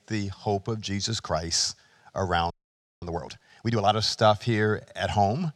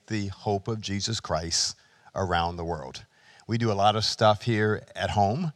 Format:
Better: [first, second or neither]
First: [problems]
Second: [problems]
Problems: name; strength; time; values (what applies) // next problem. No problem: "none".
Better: second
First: audio freezing; at 2.5 s for 0.5 s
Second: none